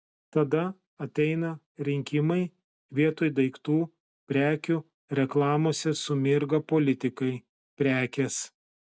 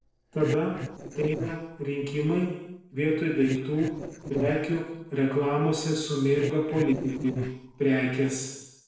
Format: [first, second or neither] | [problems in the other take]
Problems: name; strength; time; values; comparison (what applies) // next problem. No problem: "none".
first | noise reduction (neural separator model SepFormer DNS4)